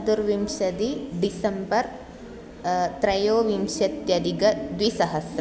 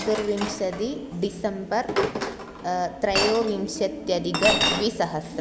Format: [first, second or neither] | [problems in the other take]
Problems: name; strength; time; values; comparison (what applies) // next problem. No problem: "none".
first | background sound (Chink, clink); 3 dB below the speech